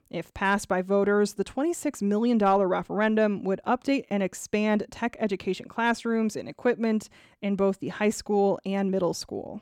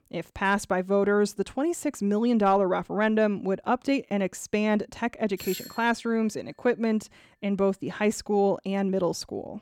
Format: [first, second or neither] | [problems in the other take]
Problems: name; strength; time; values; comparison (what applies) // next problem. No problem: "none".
first | doorbell; faint; at 5.5 s; peak 10 dB below the speech